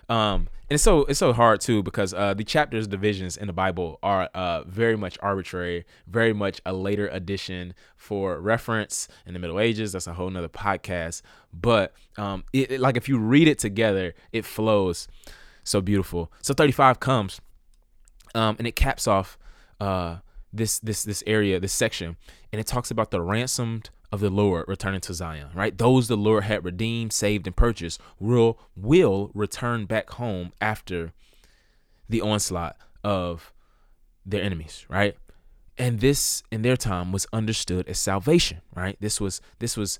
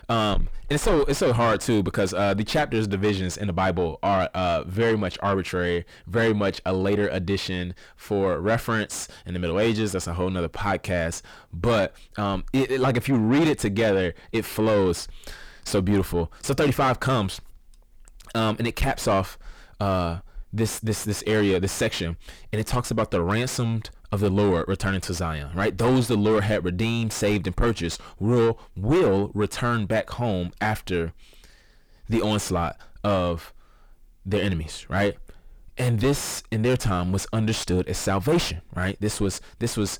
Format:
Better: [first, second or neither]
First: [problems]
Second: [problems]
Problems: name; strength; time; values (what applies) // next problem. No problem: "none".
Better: first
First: none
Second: distortion; heavy; 6 dB below the speech